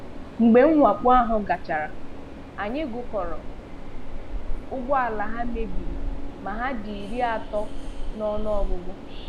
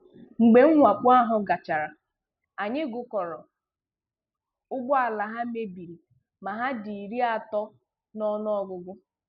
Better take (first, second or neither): second